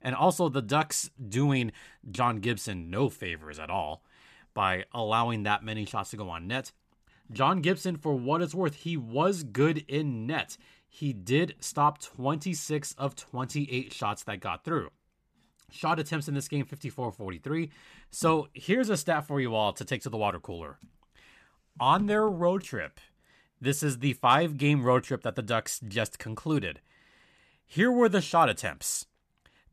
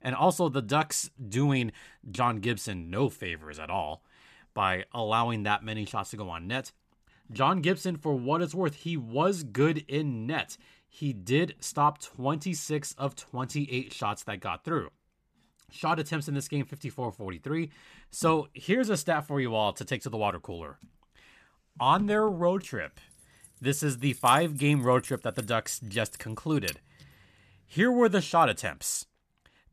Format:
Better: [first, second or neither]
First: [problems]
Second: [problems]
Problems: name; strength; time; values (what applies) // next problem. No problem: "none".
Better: first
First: none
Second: jangling keys; noticeable; from 23 to 27 s; peak 8 dB below the speech